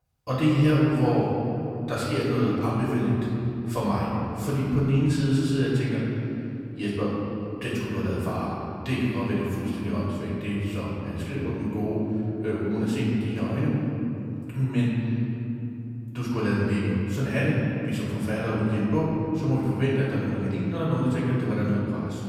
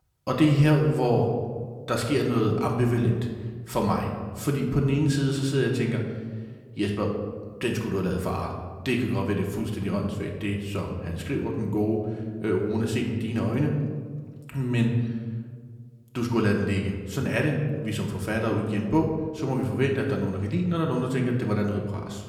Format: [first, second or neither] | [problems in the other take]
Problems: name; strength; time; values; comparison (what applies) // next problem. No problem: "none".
second | room echo; strong; dies away in 3 s; slight in the second // off-mic speech; far; somewhat distant in the second